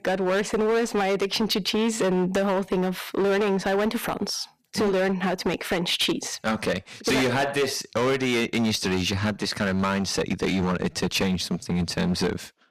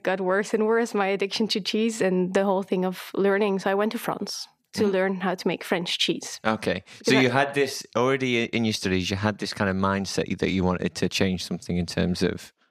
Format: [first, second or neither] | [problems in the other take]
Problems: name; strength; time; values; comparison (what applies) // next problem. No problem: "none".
second | distortion; heavy; 16% of the sound clipped